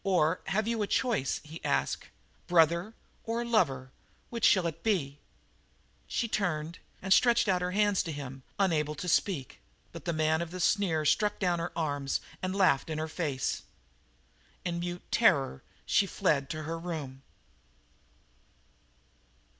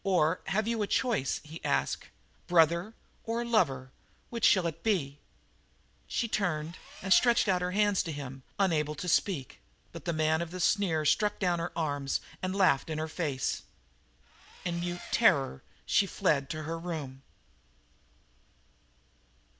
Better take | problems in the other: first | background sound (Engine); 17 dB below the speech

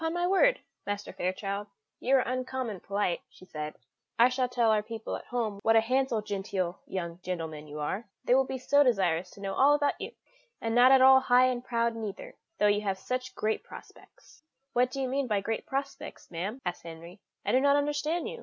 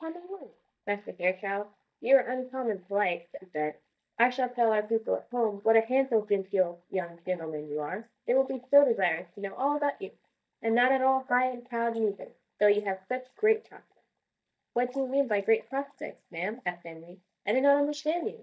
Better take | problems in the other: first | noise reduction (neural mask model DeepFilterNet 3)

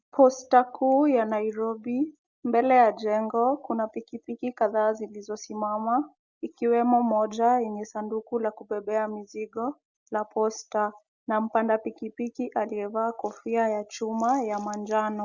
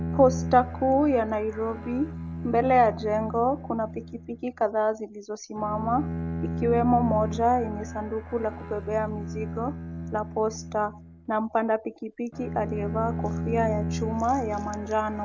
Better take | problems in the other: first | background sound (Bowed string instrument); 7 dB below the speech

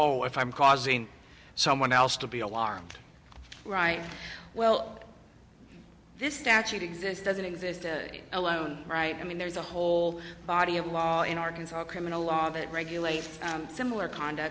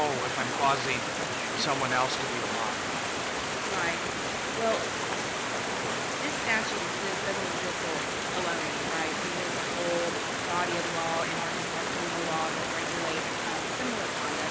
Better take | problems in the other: first | background sound (Stream); 3 dB above the speech

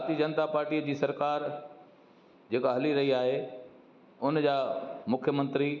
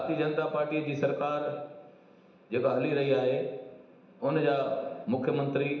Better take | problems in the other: first | room echo; dies away in 0.8 s

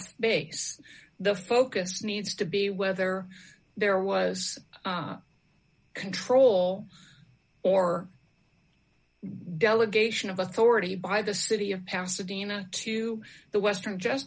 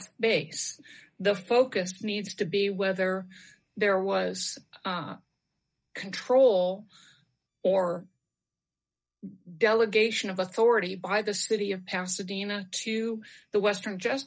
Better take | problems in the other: first | noise reduction (neural mask model DeepFilterNet 3)

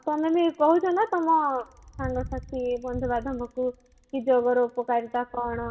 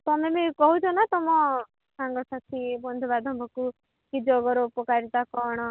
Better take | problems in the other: second | background sound (Bicycle); 17 dB below the speech // room echo; dies away in 0.5 s

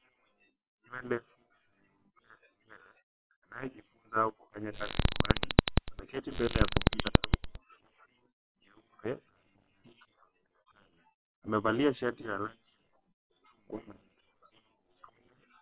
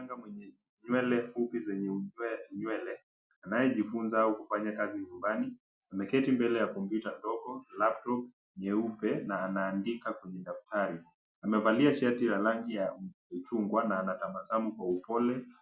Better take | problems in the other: second | noise reduction (neural separator model SepFormer WHAM!)

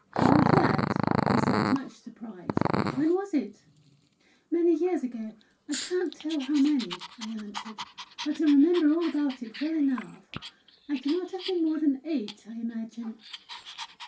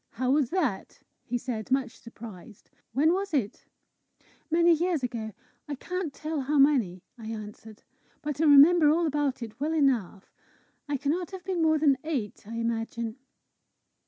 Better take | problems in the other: second | background sound (Growling); 3 dB below the speech // room echo; dies away in 0.2 s

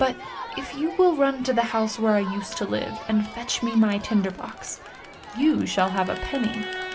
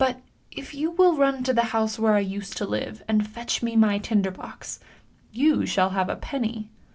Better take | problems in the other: second | background sound (Crowd); 12 dB below the speech

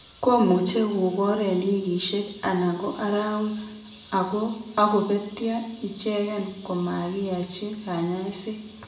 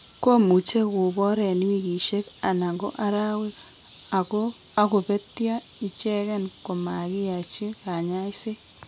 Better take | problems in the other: second | room echo; dies away in 0.7 s

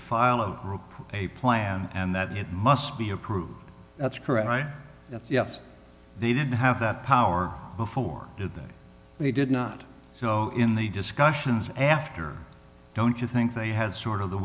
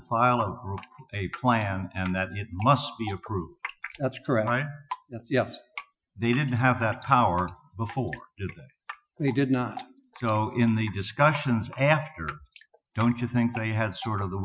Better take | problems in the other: first | noise reduction (classical method Wiener filter)

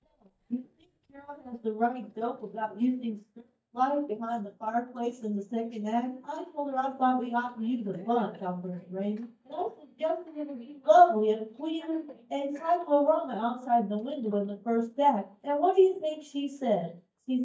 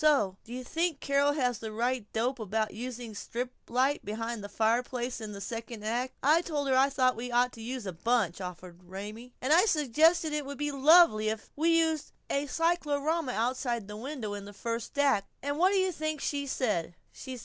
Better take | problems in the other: second | noise reduction (neural mask model DeepFilterNet 3)

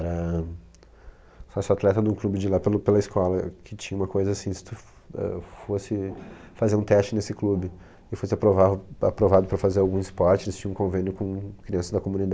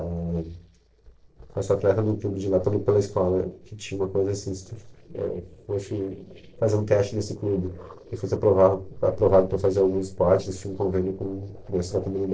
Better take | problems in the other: first | noise reduction (neural separator model SepFormer DNS4)

